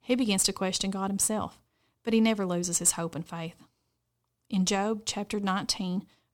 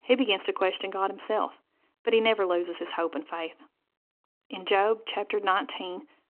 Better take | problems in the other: first | phone-call audio; nothing above 3 kHz

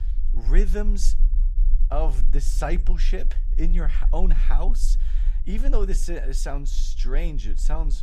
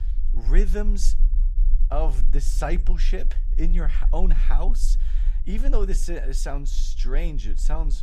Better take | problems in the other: neither | low rumble; noticeable; throughout; 20 dB below the speech; the same in both

